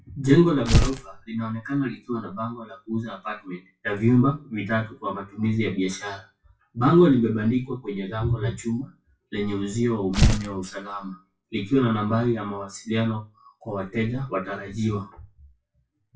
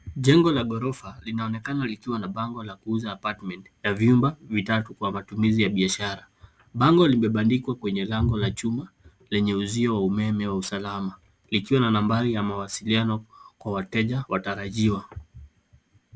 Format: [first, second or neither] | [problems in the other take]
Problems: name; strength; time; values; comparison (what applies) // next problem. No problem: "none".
second | noise reduction (classical method WPE with log-MMSE)